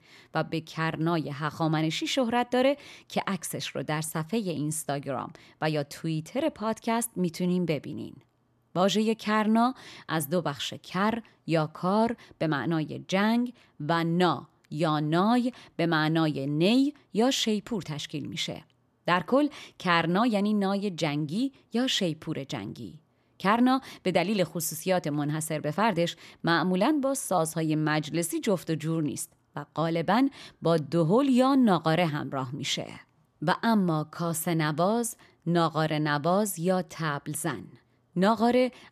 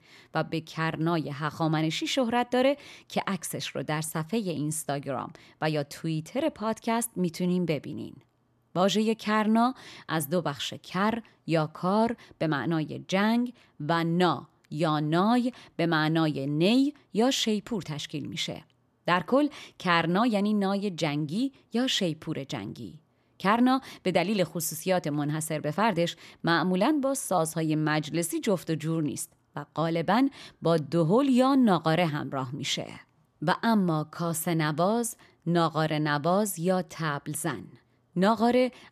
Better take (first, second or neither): neither